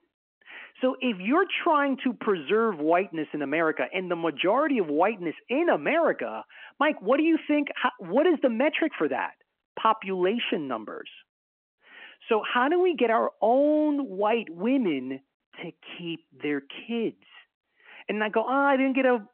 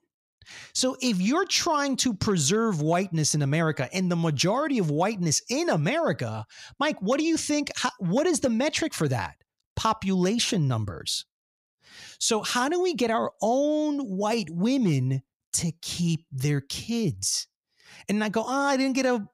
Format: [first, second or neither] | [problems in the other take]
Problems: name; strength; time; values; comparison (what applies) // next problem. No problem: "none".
second | phone-call audio